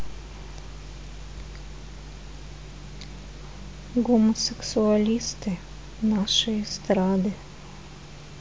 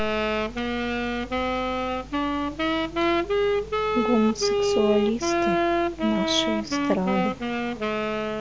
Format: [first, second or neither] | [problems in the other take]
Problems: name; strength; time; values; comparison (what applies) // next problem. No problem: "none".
first | background sound (Wind instrument, woodwind instrument); 4 dB above the speech